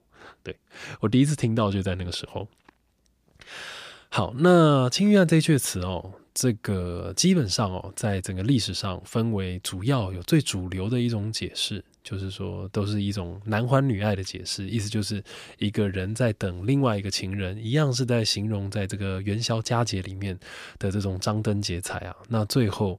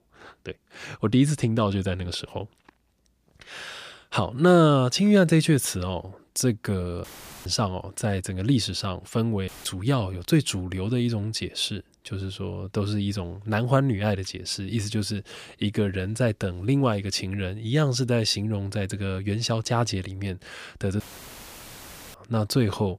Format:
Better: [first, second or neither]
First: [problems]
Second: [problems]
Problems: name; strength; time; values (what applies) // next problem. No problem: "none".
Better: first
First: none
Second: audio cutting out; filled with static; at 7 s, at 9.5 s and at 21 s for 1 s